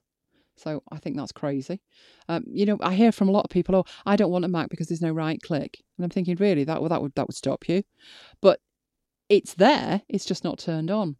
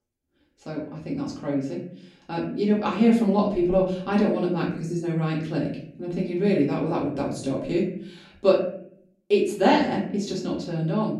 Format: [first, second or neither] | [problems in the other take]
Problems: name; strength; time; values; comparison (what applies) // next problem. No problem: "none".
first | room echo; slight; dies away in 0.5 s // off-mic speech; far